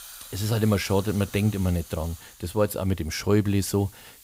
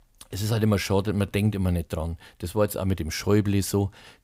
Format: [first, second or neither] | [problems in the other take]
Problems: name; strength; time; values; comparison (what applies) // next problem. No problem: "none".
second | hiss; noticeable; throughout; 20 dB below the speech